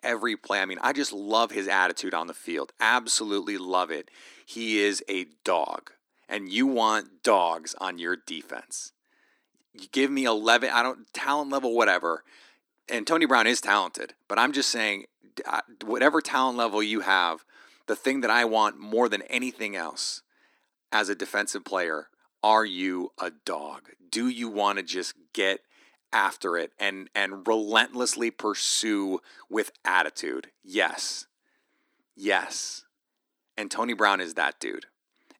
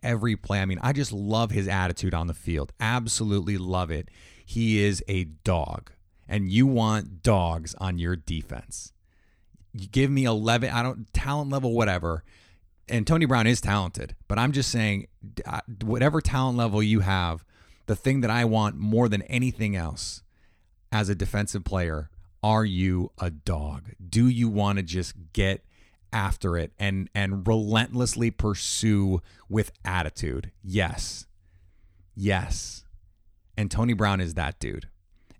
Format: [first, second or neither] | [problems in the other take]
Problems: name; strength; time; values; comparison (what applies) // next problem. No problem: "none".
second | thin; very; fading below 300 Hz